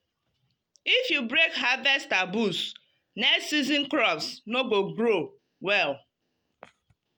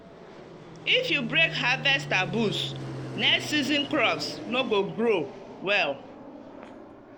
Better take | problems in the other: first | background sound (Fixed-wing aircraft, airplane); 11 dB below the speech

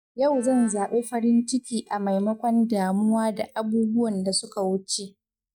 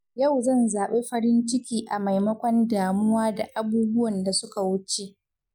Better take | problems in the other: second | noise reduction (neural mask model DeepFilterNet 3)

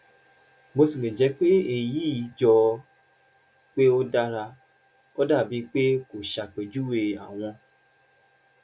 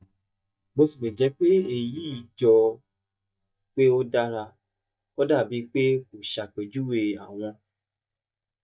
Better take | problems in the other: first | noise reduction (neural mask model DeepFilterNet 3)

